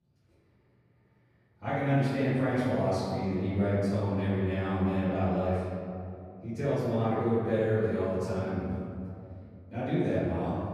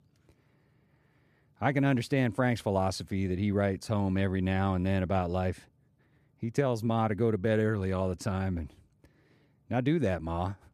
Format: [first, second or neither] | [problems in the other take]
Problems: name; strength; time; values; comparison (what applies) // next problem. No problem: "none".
second | off-mic speech; far // room echo; strong; dies away in 2.5 s